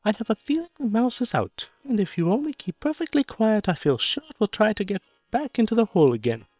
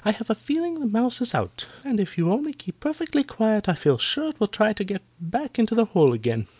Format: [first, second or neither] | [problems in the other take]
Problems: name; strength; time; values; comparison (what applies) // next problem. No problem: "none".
second | noise reduction (neural separator model SepFormer WHAM!)